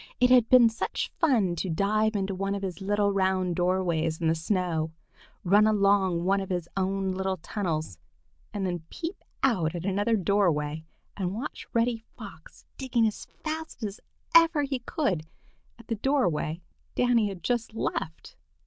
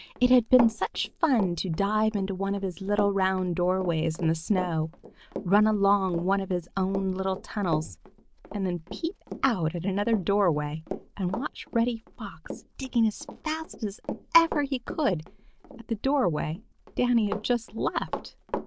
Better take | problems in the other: first | background sound (Run); 13 dB below the speech

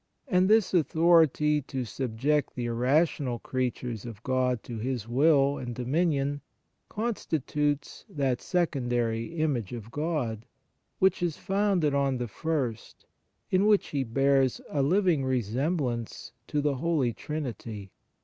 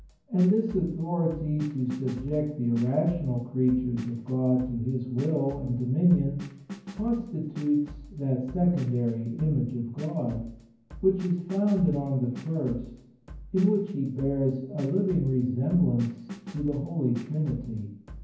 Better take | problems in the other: first | background sound (Drum kit); 17 dB below the speech // room echo; dies away in 0.9 s

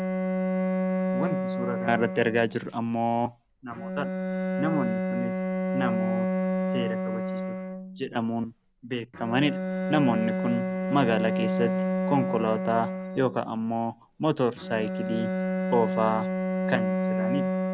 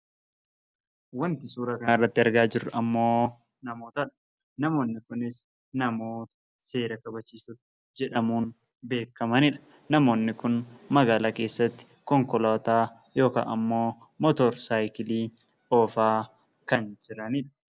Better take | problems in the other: second | background sound (Bowed string instrument); 1 dB above the speech

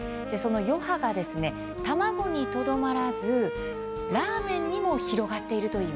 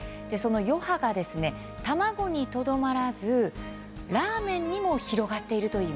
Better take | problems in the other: second | background sound (Wind instrument, woodwind instrument); 5 dB below the speech

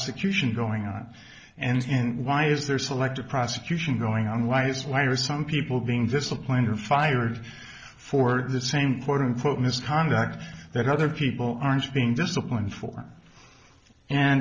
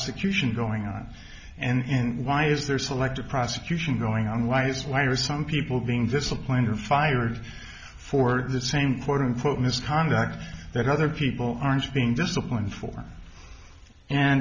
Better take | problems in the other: second | noise reduction (neural separator model SepFormer DNS4)

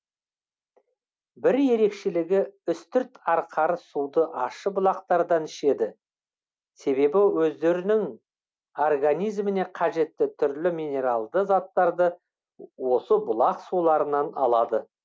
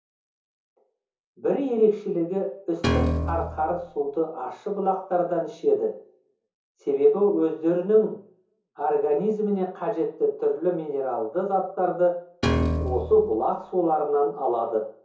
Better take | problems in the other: first | background sound (Piano); 2 dB below the speech // room echo; dies away in 0.6 s

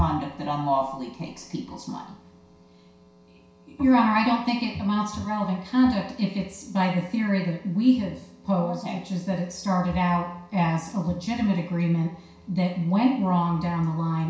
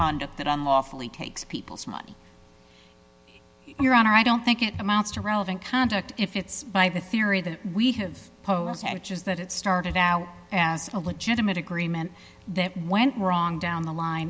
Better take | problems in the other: second | room echo; dies away in 0.6 s

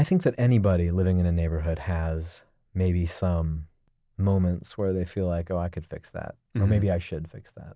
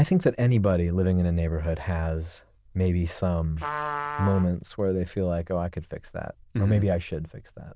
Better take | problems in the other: first | noise reduction (neural diffusion model UNIVERSE++)

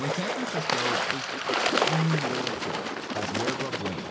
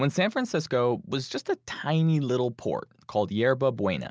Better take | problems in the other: second | background sound (Water / Bird); 4 dB above the speech // room echo; dies away in 2.7 s

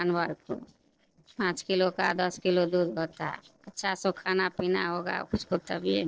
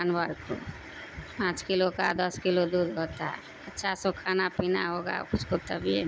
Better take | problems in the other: second | noise reduction (neural separator model SepFormer DNS4)

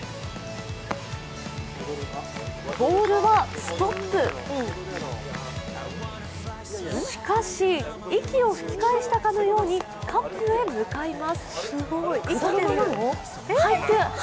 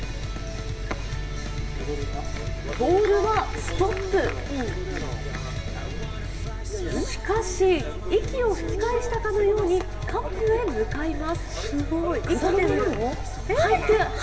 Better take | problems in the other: first | background sound (Mechanical fan); 6 dB below the speech // room echo; dies away in 1.3 s

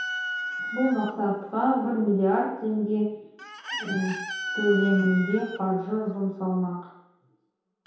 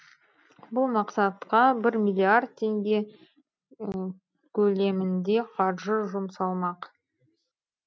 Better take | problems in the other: second | background sound (Chicken, rooster); 9 dB below the speech // room echo; dies away in 0.8 s

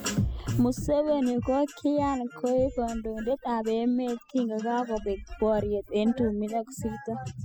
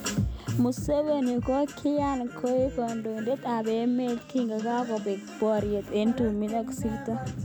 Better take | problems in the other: second | noise reduction (classical method spectral subtraction)

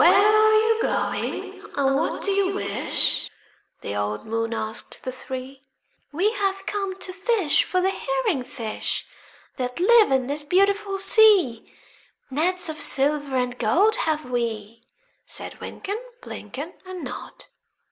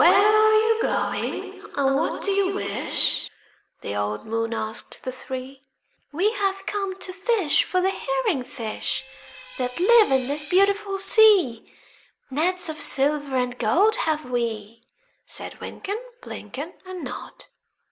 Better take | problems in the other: first | background sound (Screech); 18 dB below the speech

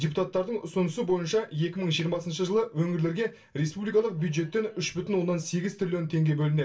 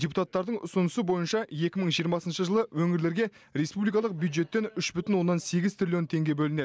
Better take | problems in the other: second | room echo; dies away in 0.2 s

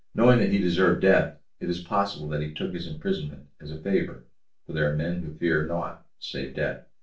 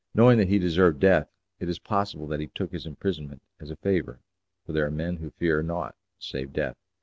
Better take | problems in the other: second | room echo; dies away in 0.3 s

